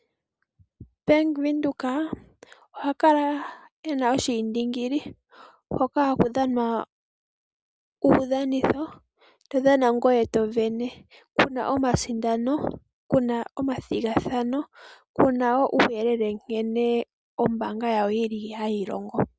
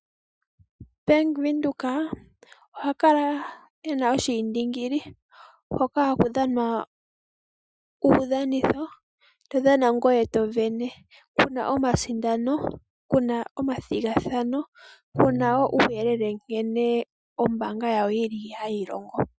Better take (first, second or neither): first